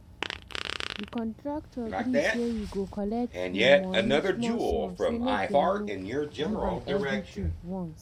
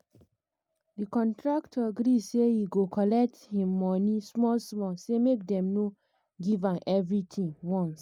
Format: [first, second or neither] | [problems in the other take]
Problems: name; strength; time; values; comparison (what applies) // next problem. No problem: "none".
second | background sound (Fart); 4 dB above the speech